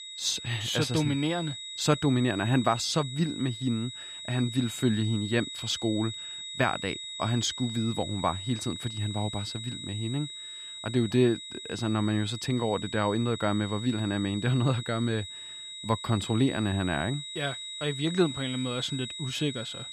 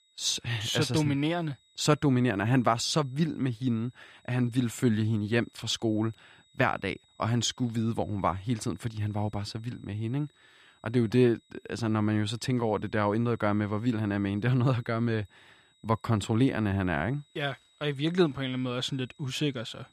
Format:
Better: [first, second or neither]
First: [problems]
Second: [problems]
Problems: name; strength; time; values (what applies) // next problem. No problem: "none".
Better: second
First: high-pitched whine; loud; throughout; 4 kHz, 8 dB below the speech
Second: high-pitched whine; faint; throughout; 4 kHz, 35 dB below the speech